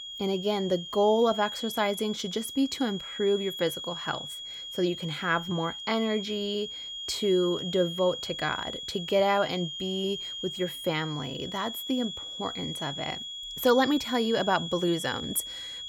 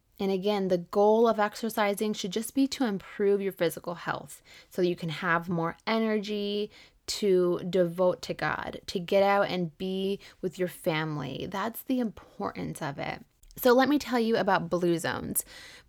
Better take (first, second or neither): second